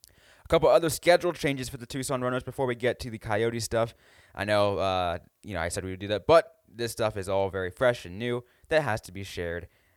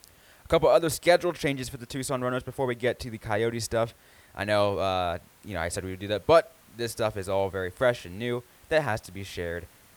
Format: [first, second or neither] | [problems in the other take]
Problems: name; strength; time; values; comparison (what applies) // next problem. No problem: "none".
first | hiss; faint; throughout; 30 dB below the speech